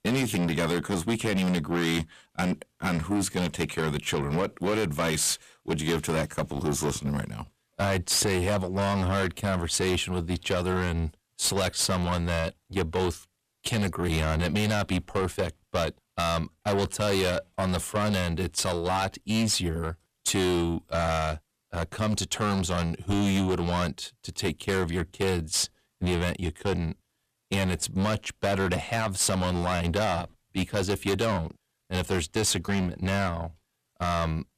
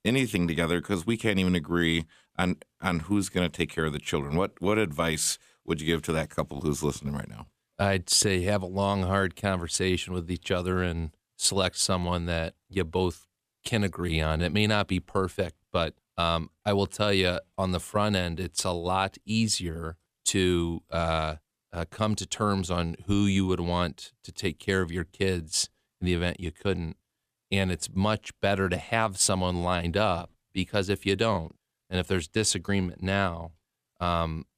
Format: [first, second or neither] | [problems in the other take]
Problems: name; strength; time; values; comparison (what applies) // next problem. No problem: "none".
second | distortion; heavy; 6 dB below the speech